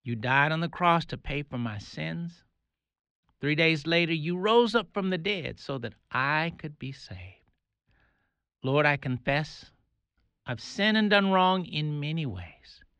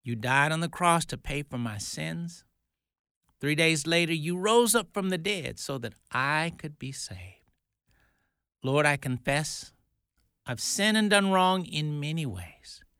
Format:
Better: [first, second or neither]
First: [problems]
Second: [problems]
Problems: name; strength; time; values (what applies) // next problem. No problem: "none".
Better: second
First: muffled; very slightly; fading above 4 kHz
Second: none